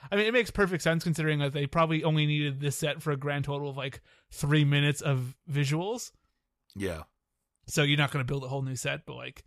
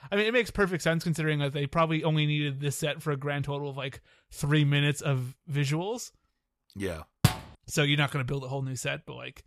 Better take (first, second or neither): first